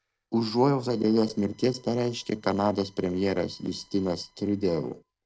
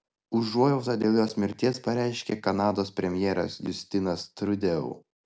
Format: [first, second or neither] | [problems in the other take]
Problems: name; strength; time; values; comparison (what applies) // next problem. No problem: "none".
second | noise reduction (neural separator model SepFormer DNS4)